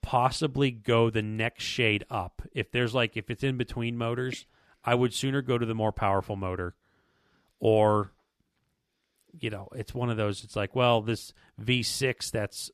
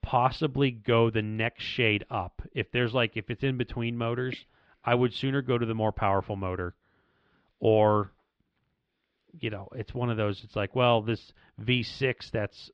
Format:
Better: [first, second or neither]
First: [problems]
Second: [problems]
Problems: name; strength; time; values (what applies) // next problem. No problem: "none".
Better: first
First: none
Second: muffled; slightly; fading above 4 kHz